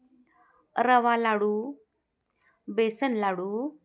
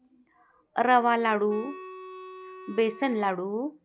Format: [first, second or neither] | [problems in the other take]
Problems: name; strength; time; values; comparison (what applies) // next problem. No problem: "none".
first | background sound (Wind instrument, woodwind instrument); 16 dB below the speech